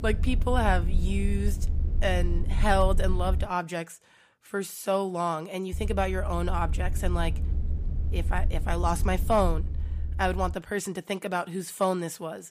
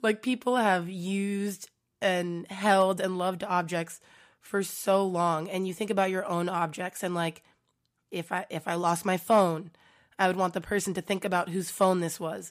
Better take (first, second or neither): second